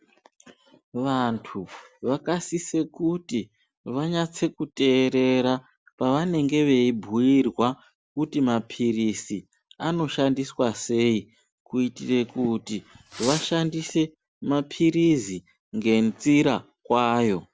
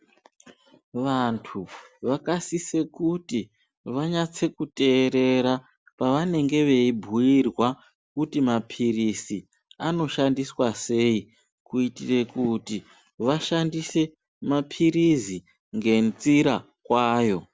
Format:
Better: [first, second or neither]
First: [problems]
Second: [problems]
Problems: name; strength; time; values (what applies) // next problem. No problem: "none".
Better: second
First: background sound (Fireworks); 13 dB below the speech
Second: none